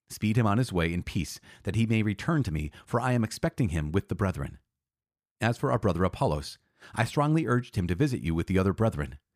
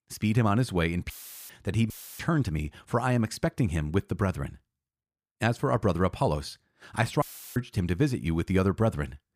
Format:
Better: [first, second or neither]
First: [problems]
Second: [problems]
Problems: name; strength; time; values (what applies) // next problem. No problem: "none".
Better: first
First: none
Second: audio cutting out; filled with static; at 1 s, at 2 s and at 7 s